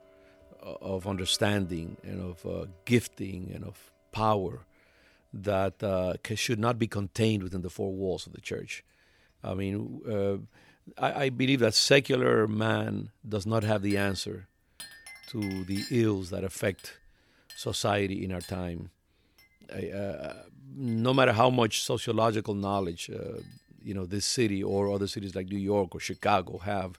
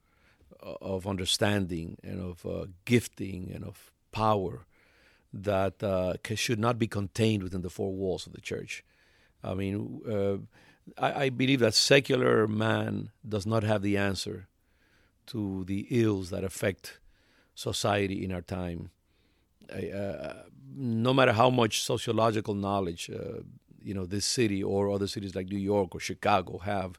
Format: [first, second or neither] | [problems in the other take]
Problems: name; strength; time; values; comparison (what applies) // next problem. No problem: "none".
second | household noises; faint; throughout; 20 dB below the speech